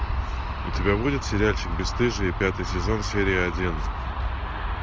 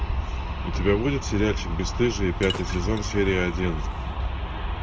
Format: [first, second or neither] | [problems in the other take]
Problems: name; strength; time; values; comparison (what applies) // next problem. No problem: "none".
first | background sound (Liquid); 16 dB below the speech // room echo; dies away in 1 s